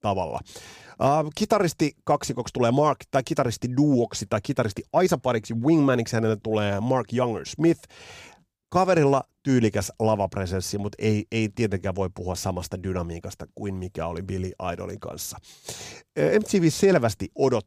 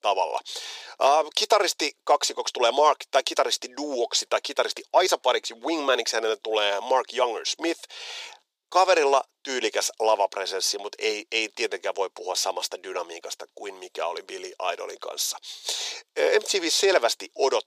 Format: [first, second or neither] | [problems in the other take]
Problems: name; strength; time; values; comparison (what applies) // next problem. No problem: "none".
first | thin; very; fading below 400 Hz